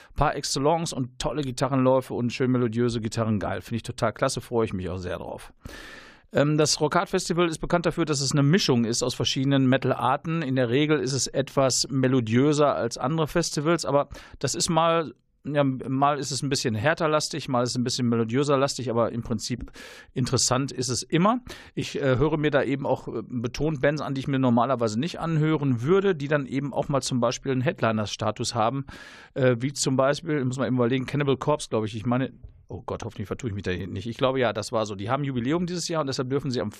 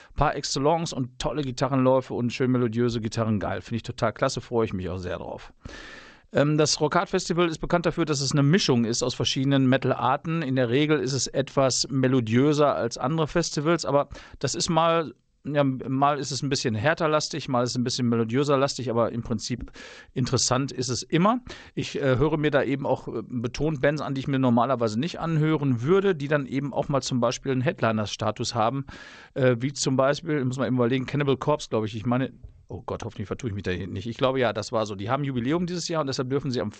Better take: first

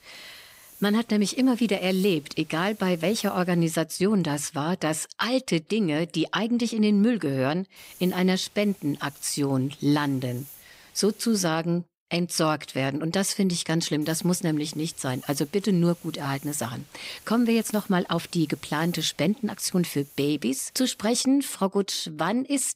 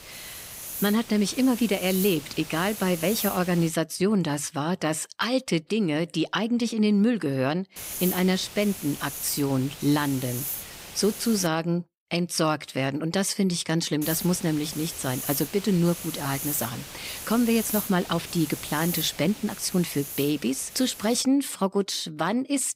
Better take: first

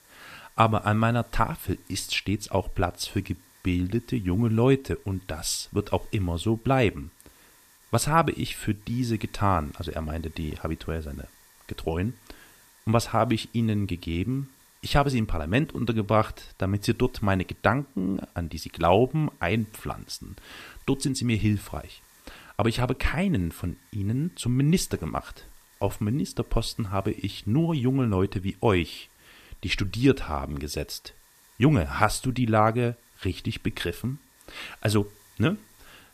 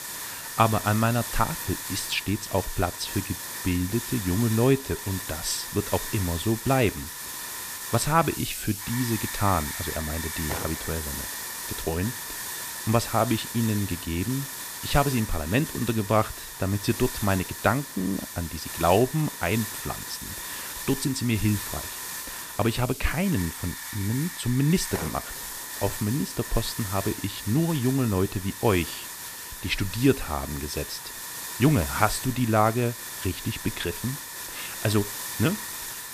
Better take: first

